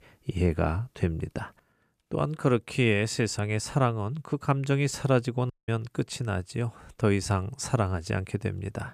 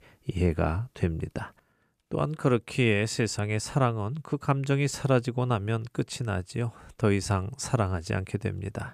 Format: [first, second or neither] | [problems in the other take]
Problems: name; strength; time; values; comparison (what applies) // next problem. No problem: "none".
second | audio cutting out; at 5.5 s